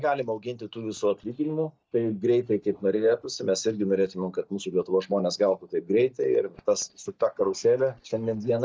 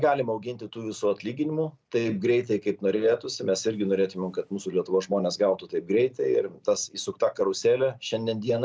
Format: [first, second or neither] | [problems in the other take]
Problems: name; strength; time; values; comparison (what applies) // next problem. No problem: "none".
second | noise reduction (neural mask model DeepFilterNet 3)